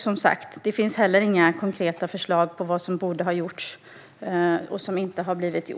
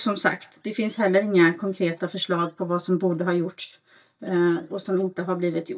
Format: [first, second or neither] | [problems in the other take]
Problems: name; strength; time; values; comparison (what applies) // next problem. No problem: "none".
first | noise reduction (neural mask model DeepFilterNet 3)